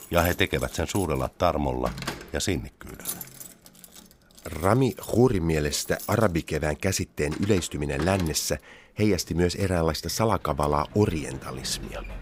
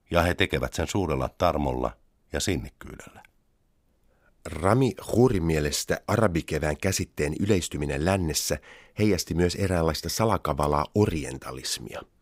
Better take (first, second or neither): second